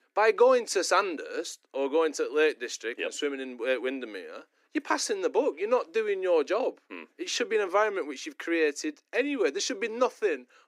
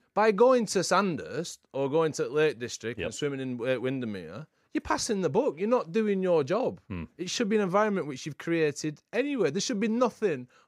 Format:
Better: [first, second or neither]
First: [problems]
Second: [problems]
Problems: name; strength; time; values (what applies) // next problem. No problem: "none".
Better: second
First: thin; somewhat; fading below 300 Hz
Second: none